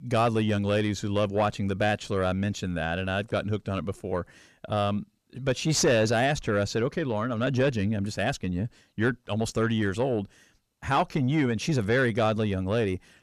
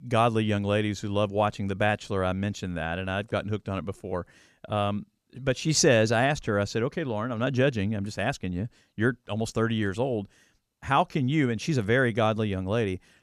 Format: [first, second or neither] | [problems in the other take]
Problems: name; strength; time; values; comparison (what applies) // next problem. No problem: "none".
second | distortion; slight; 10 dB below the speech